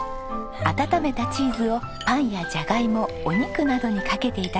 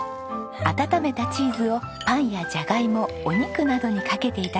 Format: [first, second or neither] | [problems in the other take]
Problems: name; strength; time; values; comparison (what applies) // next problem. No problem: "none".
second | background sound (Bird vocalization, bird call, bird song); 14 dB below the speech